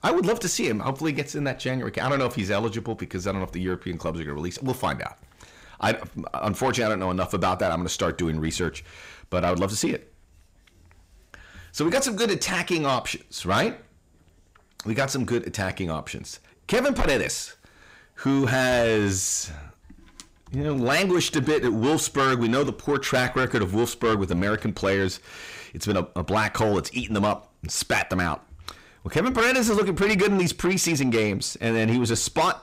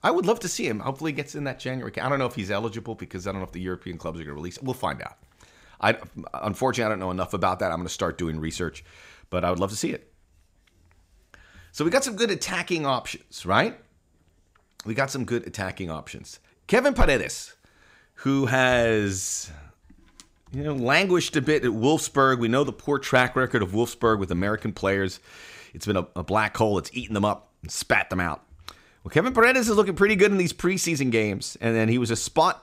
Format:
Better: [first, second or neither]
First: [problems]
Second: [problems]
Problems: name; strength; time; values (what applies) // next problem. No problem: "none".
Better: second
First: distortion; heavy; 7 dB below the speech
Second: none